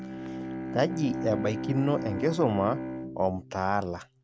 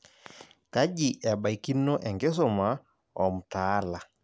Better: second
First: noise reduction (neural mask model RNNoise)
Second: none

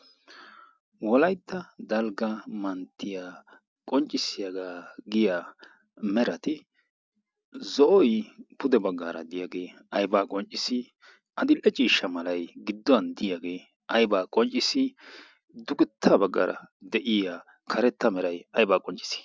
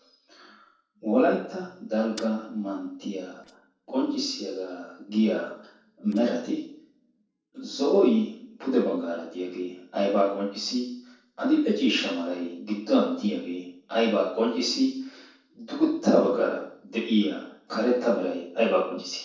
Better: first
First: none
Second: noise reduction (neural separator model SepFormer DNS4)

